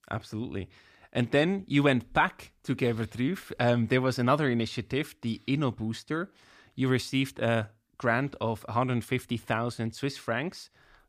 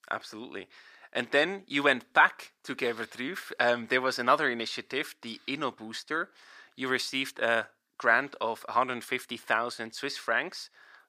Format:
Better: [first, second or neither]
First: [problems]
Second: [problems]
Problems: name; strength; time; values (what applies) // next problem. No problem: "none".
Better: first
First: none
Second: thin; somewhat; fading below 450 Hz